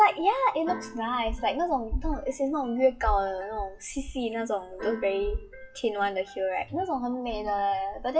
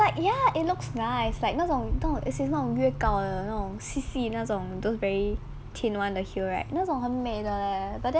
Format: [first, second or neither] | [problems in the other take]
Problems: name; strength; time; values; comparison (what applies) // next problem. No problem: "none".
second | noise reduction (classical method WPE with log-MMSE)